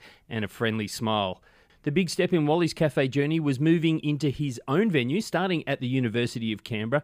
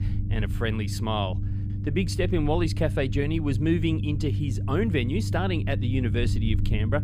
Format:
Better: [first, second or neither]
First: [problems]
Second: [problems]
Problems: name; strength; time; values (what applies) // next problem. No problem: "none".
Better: first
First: none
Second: low rumble; noticeable; throughout; 10 dB below the speech